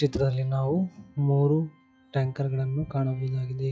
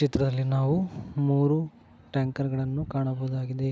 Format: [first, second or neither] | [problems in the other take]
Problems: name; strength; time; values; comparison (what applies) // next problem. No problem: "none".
second | noise reduction (classical method log-MMSE)